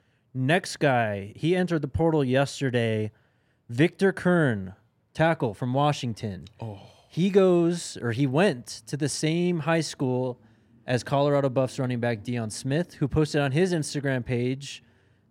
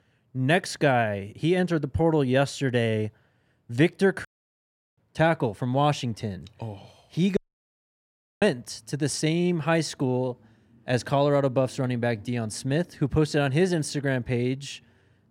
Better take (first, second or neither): first